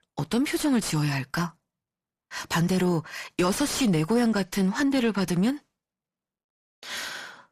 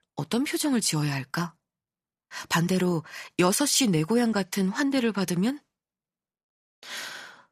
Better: second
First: distortion; slight; 10 dB below the speech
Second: none

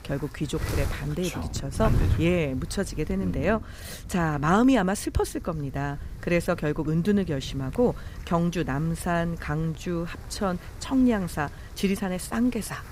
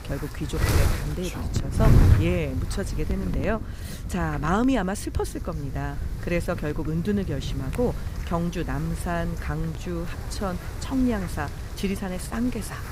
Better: first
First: wind noise on the microphone; occasional gusts; 15 dB below the speech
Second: wind noise on the microphone; heavy; 7 dB below the speech

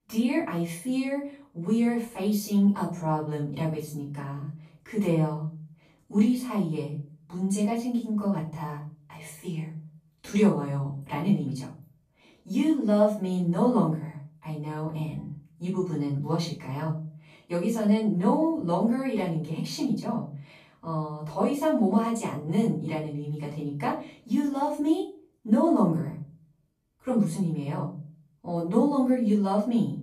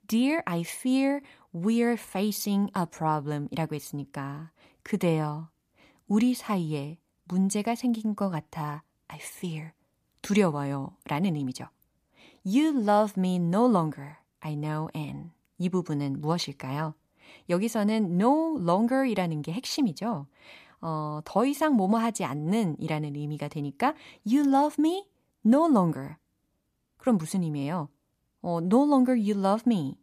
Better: second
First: off-mic speech; far // room echo; noticeable; dies away in 0.5 s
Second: none

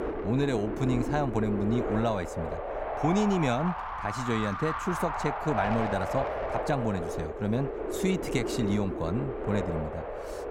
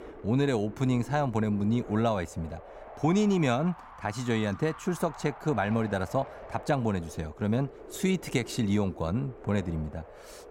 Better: second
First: wind noise on the microphone; heavy; as loud as the speech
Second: wind noise on the microphone; occasional gusts; 15 dB below the speech

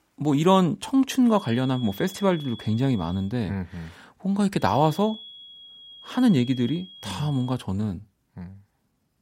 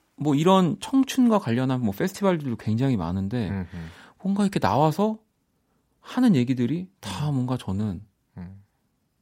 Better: second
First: high-pitched whine; noticeable; from 1.5 to 3.5 s and from 4.5 to 7.5 s; 3.5 kHz, 20 dB below the speech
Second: none

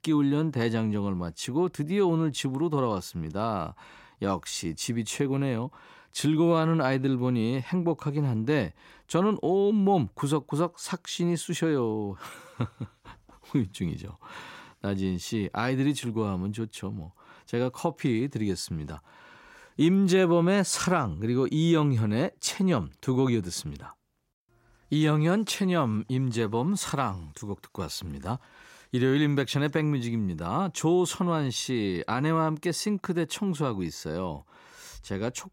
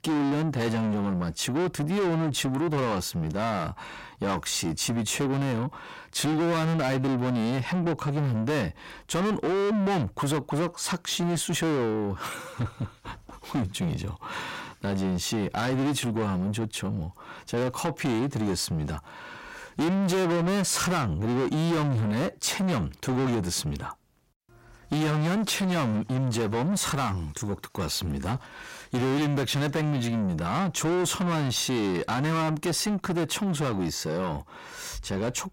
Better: first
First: none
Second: distortion; heavy; 6 dB below the speech

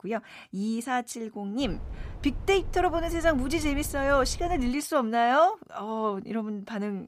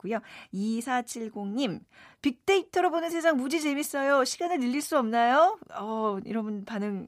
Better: second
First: wind noise on the microphone; occasional gusts; from 1.5 to 4.5 s; 25 dB below the speech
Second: none

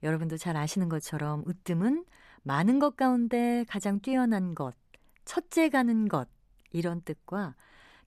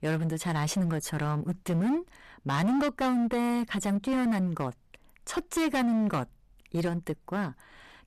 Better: first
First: none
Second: distortion; heavy; 18% of the sound clipped

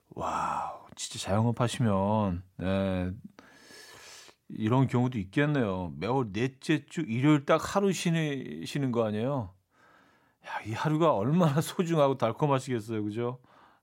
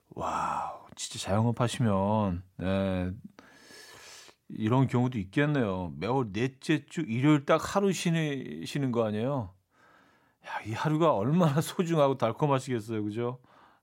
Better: neither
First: none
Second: none

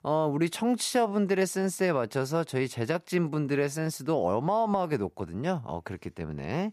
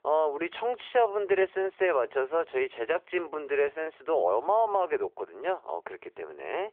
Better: first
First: none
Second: phone-call audio

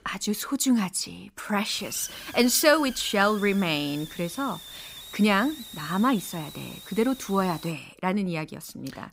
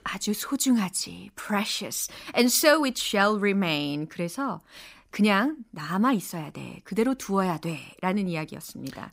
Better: second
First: hiss; noticeable; from 1.5 to 7.5 s; 15 dB below the speech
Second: none

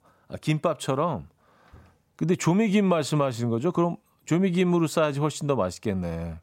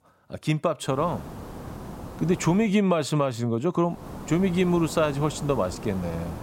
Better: first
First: none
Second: hiss; noticeable; from 1 to 2.5 s and from 4 s on; 15 dB below the speech

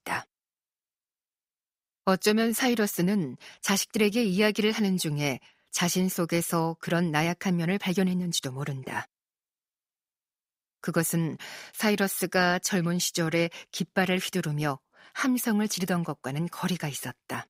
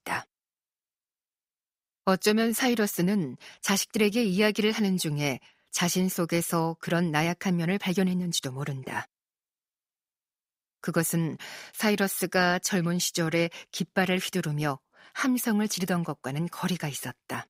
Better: neither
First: none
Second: none

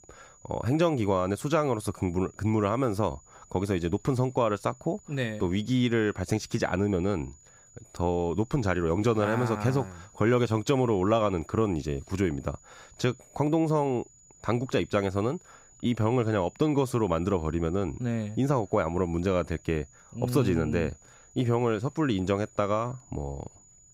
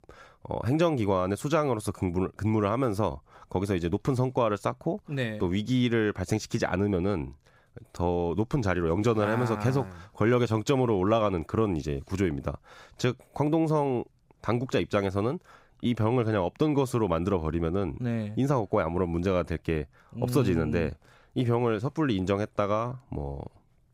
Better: second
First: high-pitched whine; faint; throughout; 7 kHz, 25 dB below the speech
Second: none

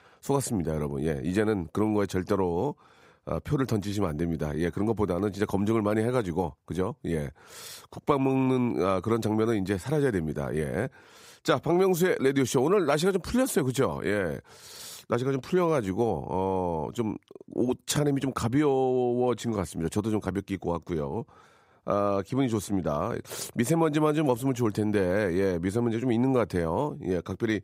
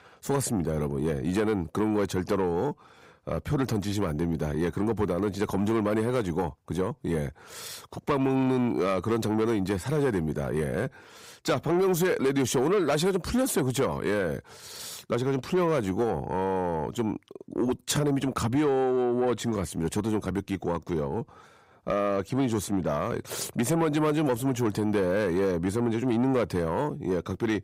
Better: first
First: none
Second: distortion; slight; 10 dB below the speech

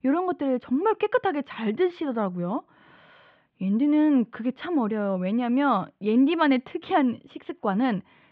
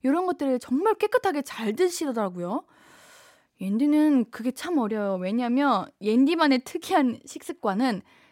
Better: second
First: muffled; very; fading above 3.5 kHz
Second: none

